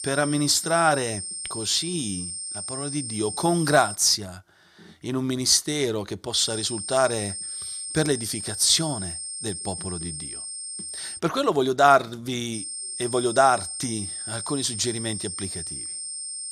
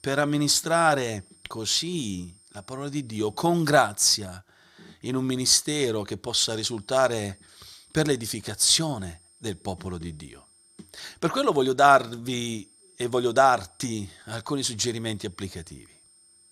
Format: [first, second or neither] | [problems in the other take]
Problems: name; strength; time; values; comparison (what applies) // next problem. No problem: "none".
second | high-pitched whine; loud; until 4 s, from 6.5 to 11 s and from 13 s on; 8.5 kHz, 7 dB below the speech; faint in the second